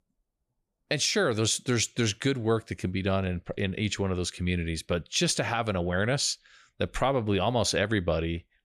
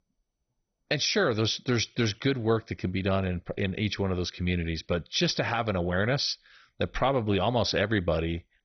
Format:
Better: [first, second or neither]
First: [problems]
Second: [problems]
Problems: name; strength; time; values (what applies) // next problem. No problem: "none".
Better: first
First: none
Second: garbled, watery; badly; nothing above 6 kHz